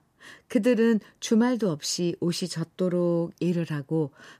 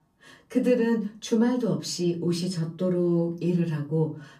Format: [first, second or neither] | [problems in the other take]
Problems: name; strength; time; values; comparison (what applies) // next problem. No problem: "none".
first | off-mic speech; far // room echo; very slight; dies away in 0.3 s